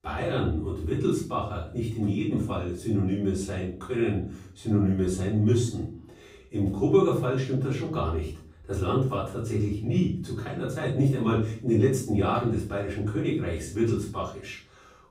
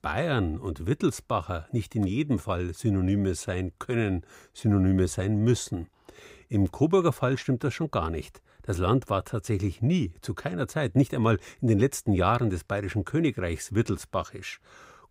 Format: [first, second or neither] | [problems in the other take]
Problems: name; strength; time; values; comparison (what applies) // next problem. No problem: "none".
second | off-mic speech; far // room echo; noticeable; dies away in 0.4 s